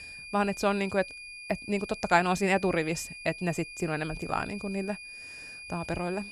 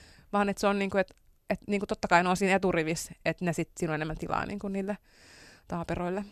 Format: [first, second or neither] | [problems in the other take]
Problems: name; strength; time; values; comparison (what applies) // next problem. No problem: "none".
second | high-pitched whine; noticeable; throughout; 2.5 kHz, 10 dB below the speech